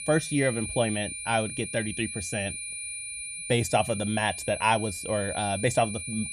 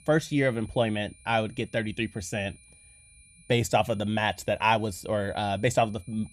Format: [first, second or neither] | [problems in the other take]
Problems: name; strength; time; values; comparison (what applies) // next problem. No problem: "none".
second | high-pitched whine; loud; throughout; 9.5 kHz, 6 dB below the speech; faint in the second